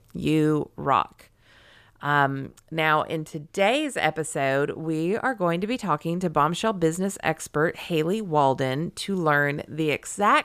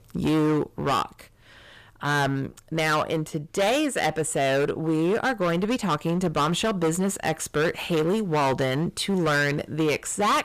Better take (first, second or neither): first